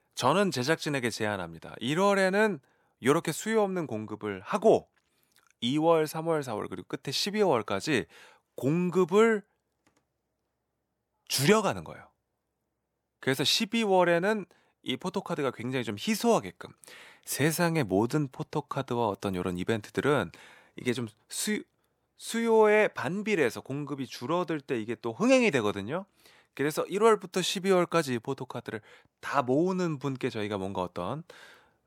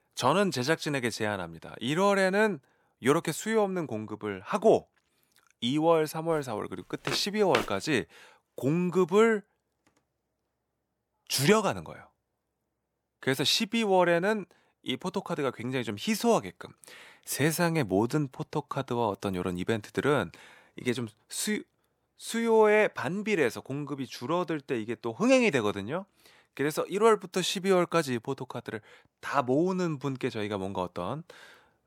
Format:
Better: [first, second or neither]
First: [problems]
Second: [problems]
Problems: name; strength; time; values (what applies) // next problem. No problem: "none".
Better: first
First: none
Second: footsteps; noticeable; at 7 s; peak 5 dB below the speech